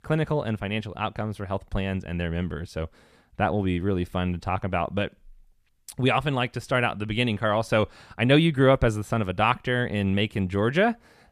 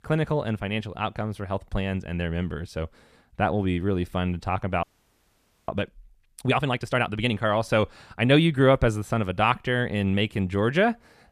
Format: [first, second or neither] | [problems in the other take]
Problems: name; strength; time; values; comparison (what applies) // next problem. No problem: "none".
first | audio freezing; at 5 s for 1 s